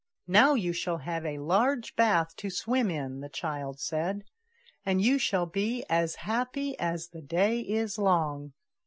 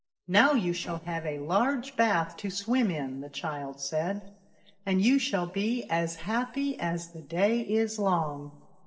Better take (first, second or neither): first